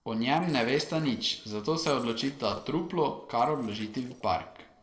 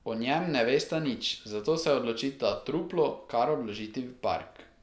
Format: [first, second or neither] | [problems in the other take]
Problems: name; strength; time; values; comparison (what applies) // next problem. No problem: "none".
second | noise reduction (neural separator model SepFormer DNS4)